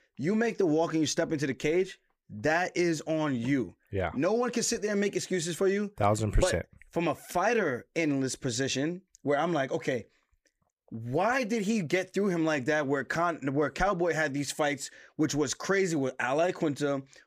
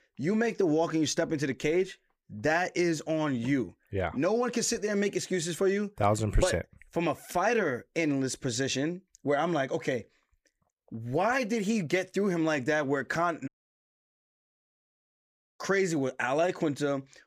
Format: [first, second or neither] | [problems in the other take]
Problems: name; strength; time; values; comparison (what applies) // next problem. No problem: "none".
first | audio cutting out; at 13 s for 2 s